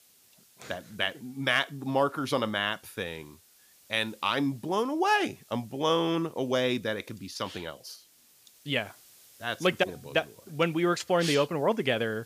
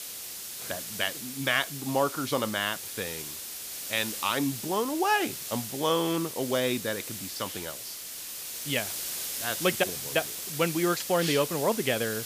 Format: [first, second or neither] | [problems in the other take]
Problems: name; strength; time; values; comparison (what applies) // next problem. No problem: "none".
first | hiss; loud; throughout; 5 dB below the speech; faint in the first